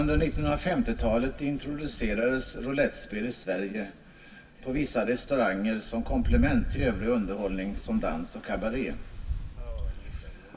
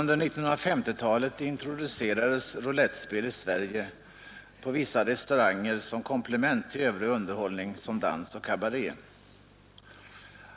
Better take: second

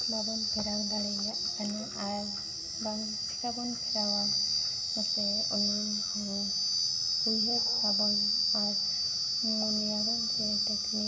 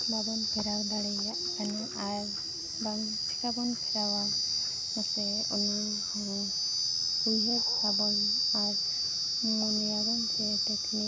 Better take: second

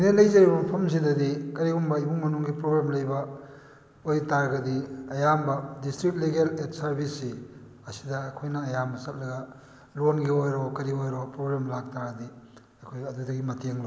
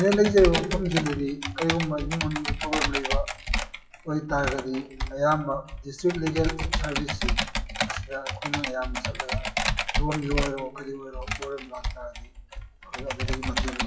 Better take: first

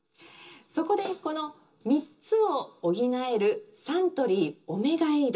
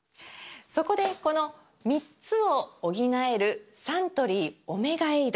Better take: second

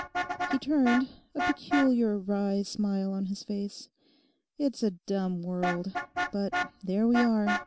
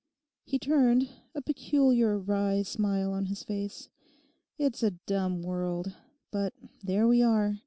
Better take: second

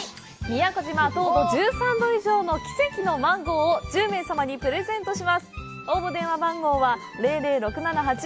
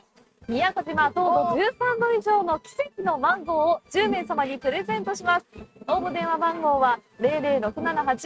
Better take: first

